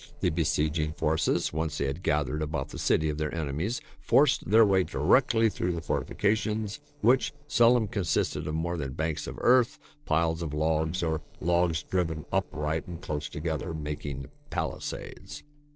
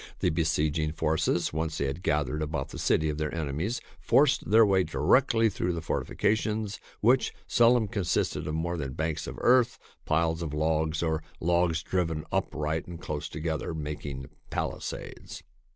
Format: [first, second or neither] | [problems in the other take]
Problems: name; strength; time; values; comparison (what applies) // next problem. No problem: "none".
second | noise reduction (neural separator model SepFormer DNS4)